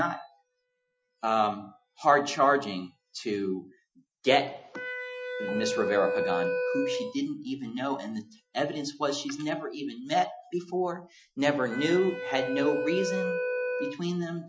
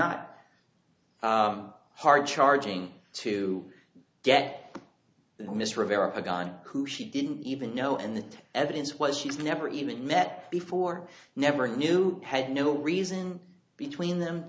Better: second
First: noise reduction (classical method Wiener filter)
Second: none

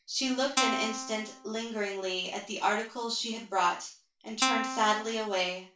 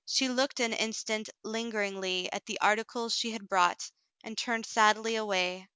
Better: second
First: background sound (Guitar); 1 dB below the speech // room echo; dies away in 0.3 s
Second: none

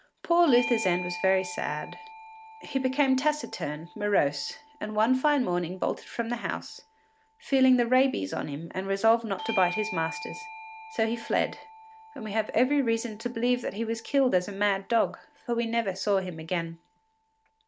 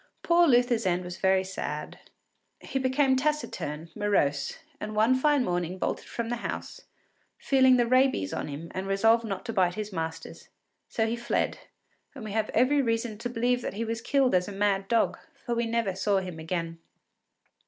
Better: second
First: background sound (Bell / Doorbell); 15 dB below the speech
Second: none

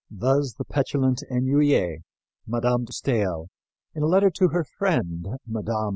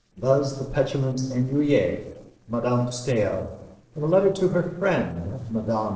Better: first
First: none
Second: noise reduction (neural separator model SepFormer DNS4)

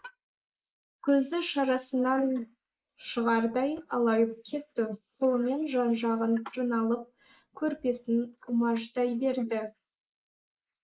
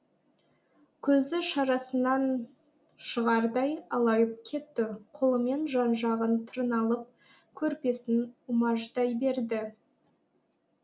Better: second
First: noise reduction (neural mask model Resemble Enhance denoiser)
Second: none

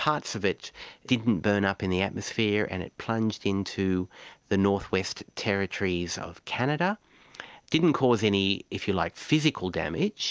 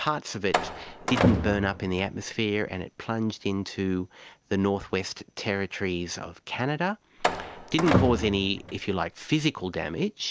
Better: first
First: none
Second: background sound (Slam); 2 dB below the speech

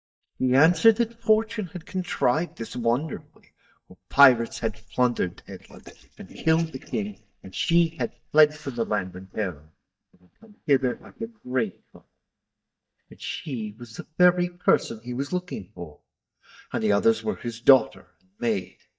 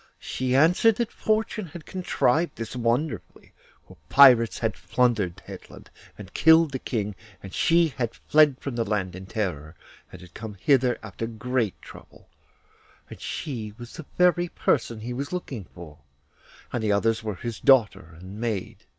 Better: second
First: noise reduction (neural mask model DeepFilterNet 3)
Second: none

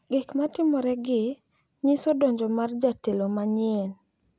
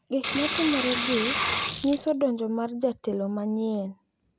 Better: first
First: none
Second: background sound (Sink (filling or washing) / Water); 2 dB below the speech

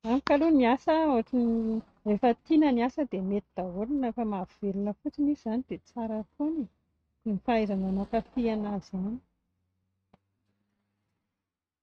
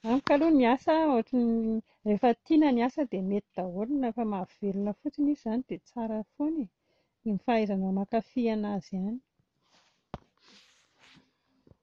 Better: second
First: noise reduction (neural mask model RNNoise)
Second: none

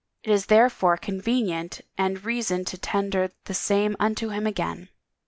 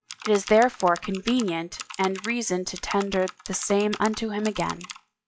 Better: first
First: none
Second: noise reduction (classical method log-MMSE)

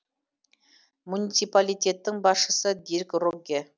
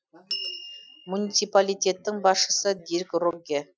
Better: first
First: none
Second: noise reduction (classical method Wiener filter)

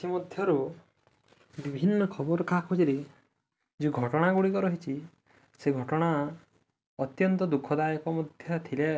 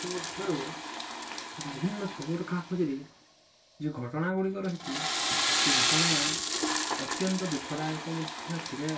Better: first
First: none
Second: background sound (Toilet flush / Water); 2 dB above the speech // room echo; dies away in 0.2 s

